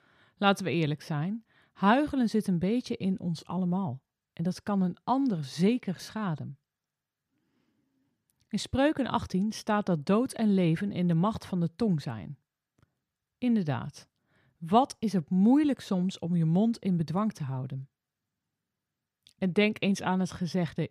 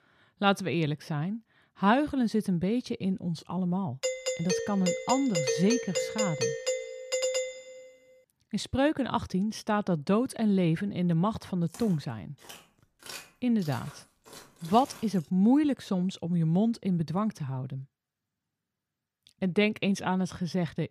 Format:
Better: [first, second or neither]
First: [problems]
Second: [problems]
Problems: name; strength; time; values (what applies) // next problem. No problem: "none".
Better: first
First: none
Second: doorbell; noticeable; from 4 to 7.5 s; peak level with the speech // footsteps; faint; from 12 to 15 s; peak 15 dB below the speech